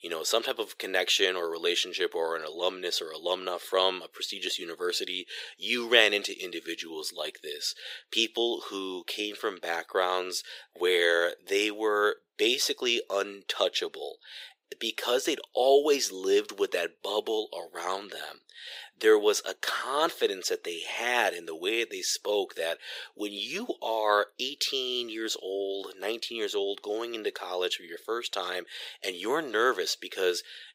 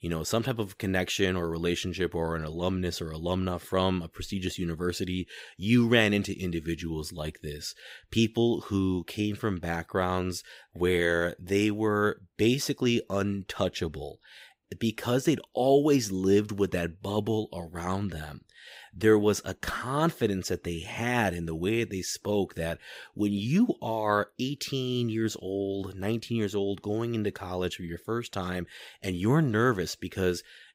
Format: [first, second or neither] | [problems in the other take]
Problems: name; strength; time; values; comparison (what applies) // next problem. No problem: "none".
second | thin; very; fading below 450 Hz